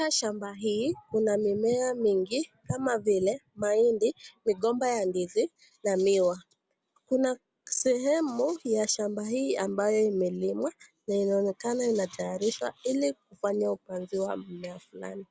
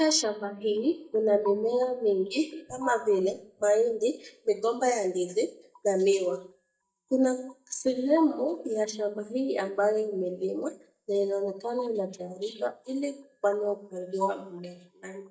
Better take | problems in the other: first | noise reduction (neural mask model DeepFilterNet 3)

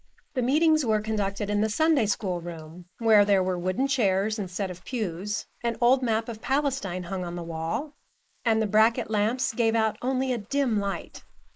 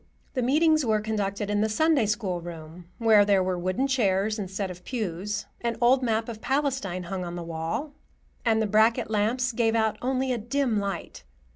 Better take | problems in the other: second | noise reduction (neural mask model Resemble Enhance denoiser)

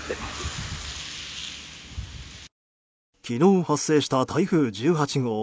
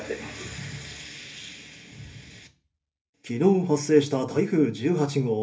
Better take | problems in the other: first | room echo; dies away in 0.3 s

